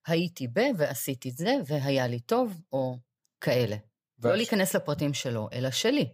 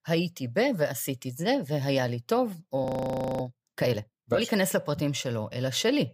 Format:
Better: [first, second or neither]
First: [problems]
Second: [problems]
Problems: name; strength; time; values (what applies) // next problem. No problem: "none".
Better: first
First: none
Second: audio freezing; at 3 s for 0.5 s